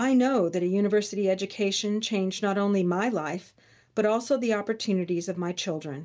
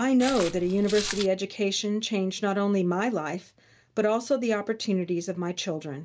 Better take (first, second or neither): first